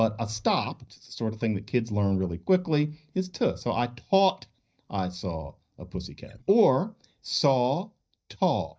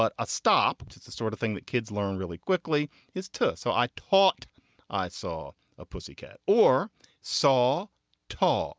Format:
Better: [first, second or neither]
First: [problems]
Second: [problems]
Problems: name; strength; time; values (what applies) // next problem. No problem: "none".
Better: second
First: noise reduction (neural mask model DeepFilterNet 3)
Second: none